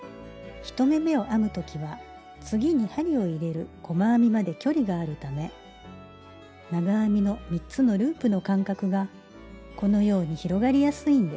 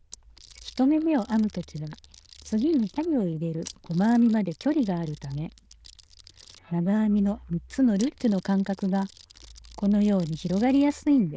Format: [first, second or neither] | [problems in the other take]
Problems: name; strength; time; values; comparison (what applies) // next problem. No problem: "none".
first | noise reduction (neural diffusion model UNIVERSE++)